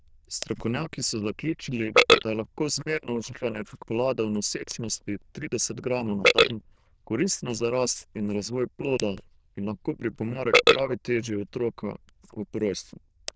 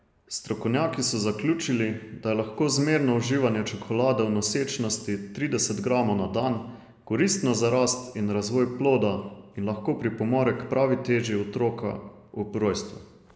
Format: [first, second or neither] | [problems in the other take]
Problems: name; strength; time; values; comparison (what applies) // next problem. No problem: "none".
second | noise reduction (neural diffusion model UNIVERSE++)